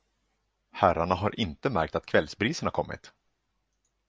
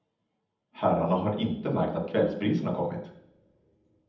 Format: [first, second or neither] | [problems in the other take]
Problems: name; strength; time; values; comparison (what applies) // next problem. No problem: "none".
first | room echo; dies away in 0.8 s